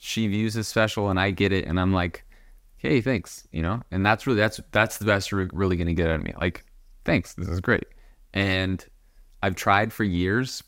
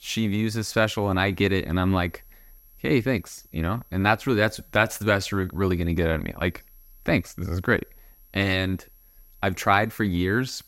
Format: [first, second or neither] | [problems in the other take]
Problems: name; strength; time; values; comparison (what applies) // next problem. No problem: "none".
first | high-pitched whine; faint; throughout; 11.5 kHz, 30 dB below the speech